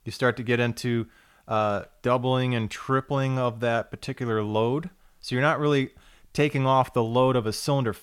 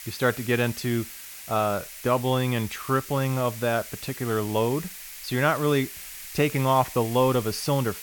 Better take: first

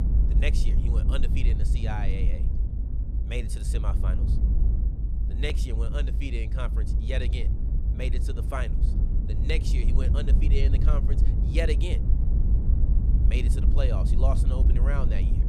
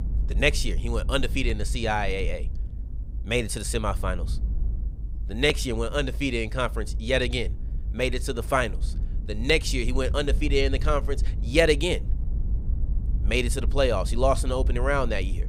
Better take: second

